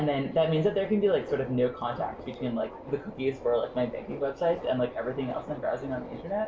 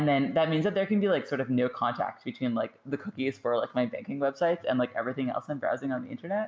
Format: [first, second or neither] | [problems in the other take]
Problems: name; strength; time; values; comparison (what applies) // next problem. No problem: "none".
second | background sound (Subway, metro, underground); 13 dB below the speech // room echo; dies away in 0.2 s